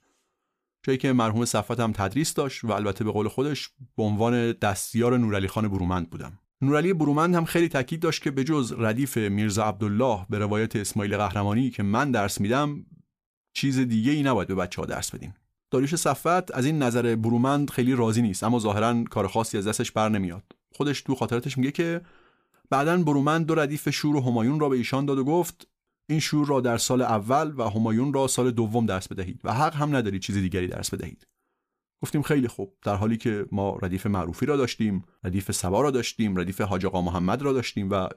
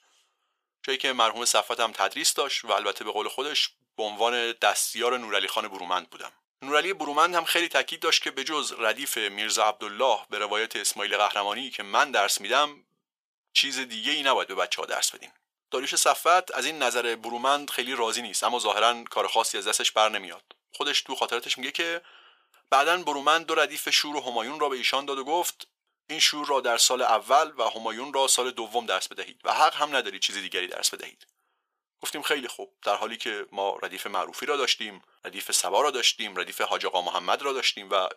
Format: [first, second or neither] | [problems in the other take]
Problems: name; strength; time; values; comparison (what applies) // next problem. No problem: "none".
first | thin; very; fading below 550 Hz